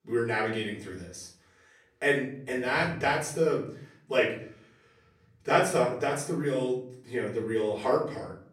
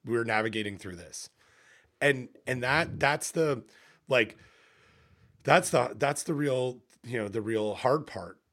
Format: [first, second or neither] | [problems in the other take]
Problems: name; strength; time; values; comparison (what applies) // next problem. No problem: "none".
second | off-mic speech; far // room echo; slight; dies away in 0.5 s